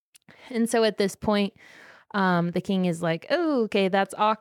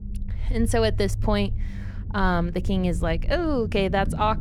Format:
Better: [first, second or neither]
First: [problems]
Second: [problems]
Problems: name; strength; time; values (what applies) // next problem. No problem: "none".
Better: first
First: none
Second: low rumble; noticeable; throughout; 20 dB below the speech